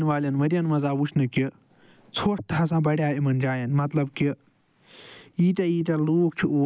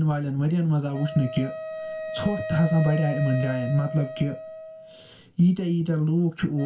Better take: first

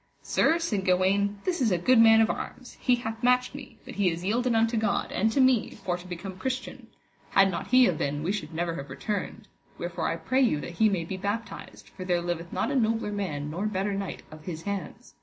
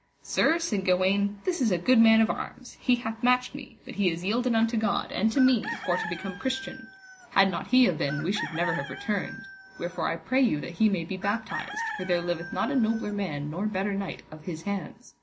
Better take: first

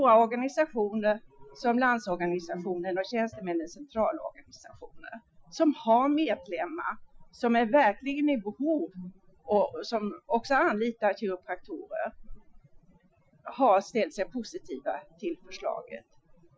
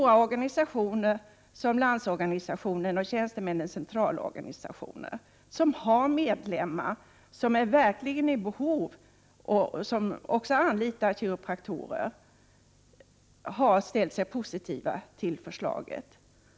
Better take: second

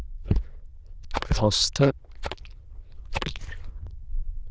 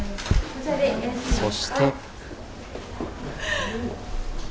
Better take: second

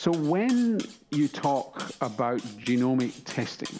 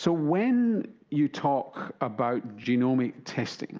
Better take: second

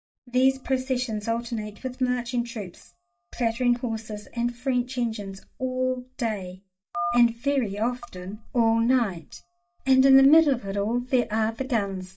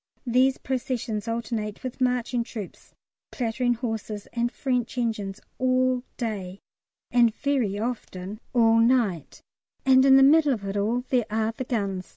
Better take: second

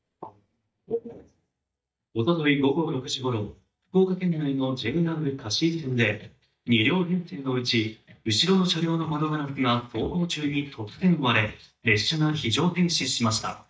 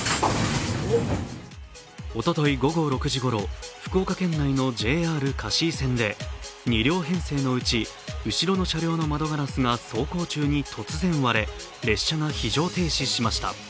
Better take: second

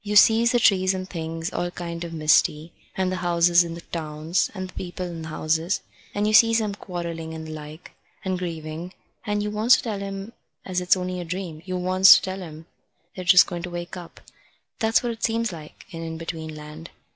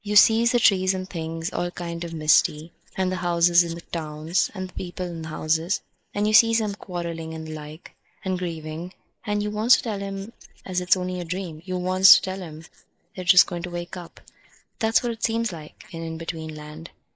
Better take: first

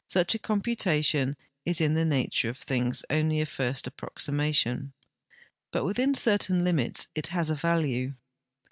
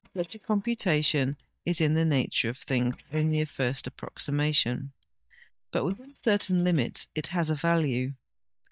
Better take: first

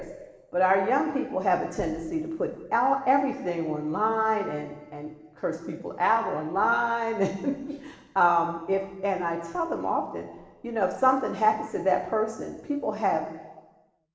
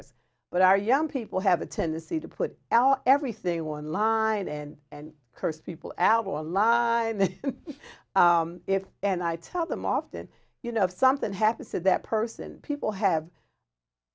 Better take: second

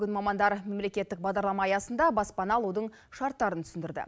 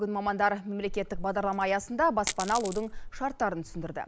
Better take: first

